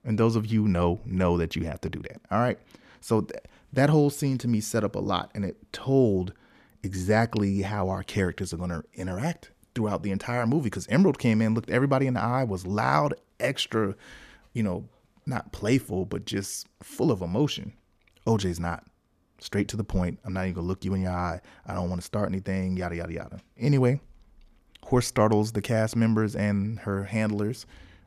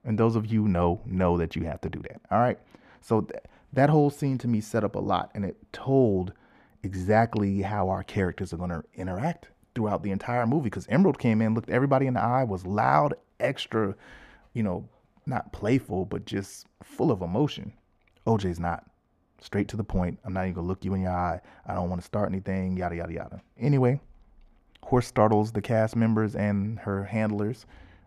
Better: first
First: none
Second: muffled; slightly; fading above 3 kHz

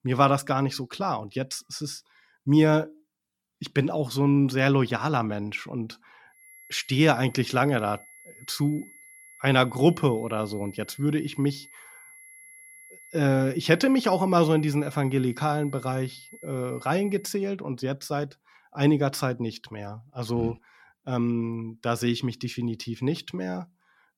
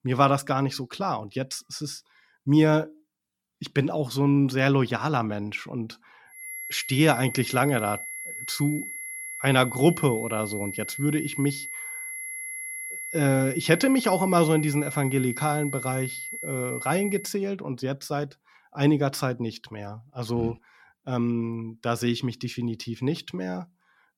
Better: first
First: high-pitched whine; faint; from 6.5 to 17 s; 2 kHz, 20 dB below the speech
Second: high-pitched whine; loud; from 6.5 to 17 s; 2 kHz, 7 dB below the speech

